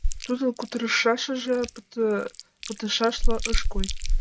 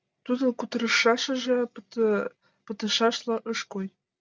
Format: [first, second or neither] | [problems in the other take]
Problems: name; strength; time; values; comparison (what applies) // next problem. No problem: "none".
second | background sound (Chewing, mastication); 1 dB above the speech